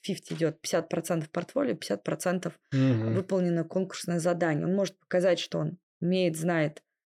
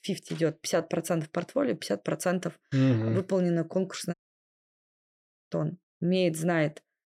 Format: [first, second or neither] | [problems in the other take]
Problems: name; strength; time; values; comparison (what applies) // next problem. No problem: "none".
first | audio cutting out; at 4 s for 1.5 s